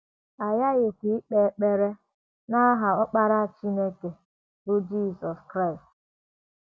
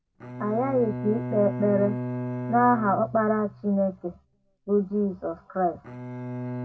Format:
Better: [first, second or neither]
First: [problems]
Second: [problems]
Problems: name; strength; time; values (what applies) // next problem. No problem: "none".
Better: first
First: none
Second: background sound (Bowed string instrument); 8 dB below the speech // room echo; dies away in 0.2 s